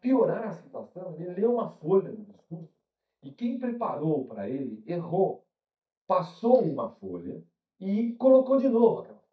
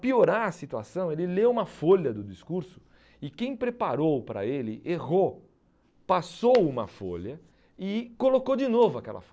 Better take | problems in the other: second | noise reduction (neural mask model DeepFilterNet 3)

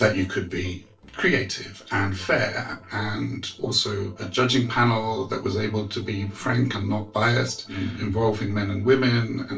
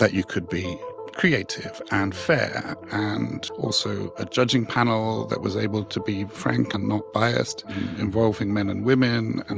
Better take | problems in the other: second | noise reduction (neural separator model SepFormer DNS4)

